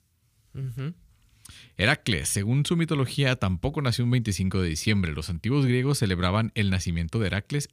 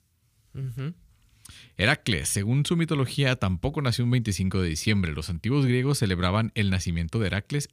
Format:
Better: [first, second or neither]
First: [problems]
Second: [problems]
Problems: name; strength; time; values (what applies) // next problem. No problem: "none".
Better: neither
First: none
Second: none